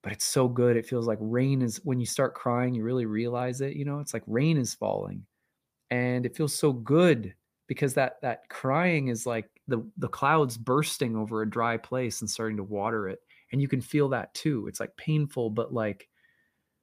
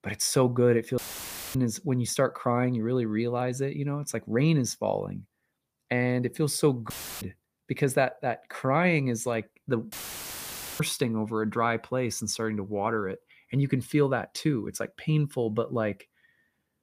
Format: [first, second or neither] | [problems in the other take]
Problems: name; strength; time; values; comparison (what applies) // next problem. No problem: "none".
first | audio cutting out; filled with static; at 1 s for 0.5 s, at 7 s and at 10 s for 1 s